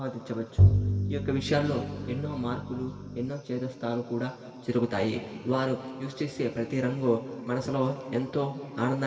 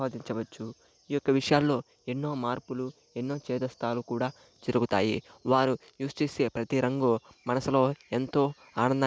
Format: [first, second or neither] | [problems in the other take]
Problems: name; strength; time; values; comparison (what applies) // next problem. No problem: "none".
second | background sound (Bowed string instrument); 3 dB above the speech // room echo; dies away in 2.5 s